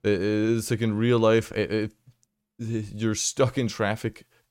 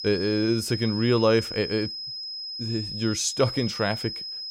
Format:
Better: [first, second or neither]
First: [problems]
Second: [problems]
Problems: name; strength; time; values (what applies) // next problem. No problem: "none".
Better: first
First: none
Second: high-pitched whine; loud; throughout; 5 kHz, 6 dB below the speech